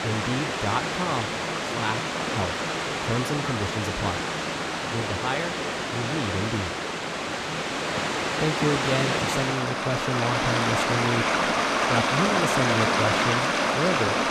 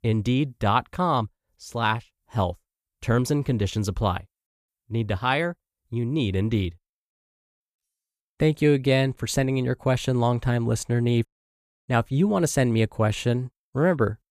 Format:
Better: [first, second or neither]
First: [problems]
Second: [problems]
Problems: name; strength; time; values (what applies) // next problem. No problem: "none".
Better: second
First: rain or running water; very loud; throughout; 4 dB above the speech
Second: none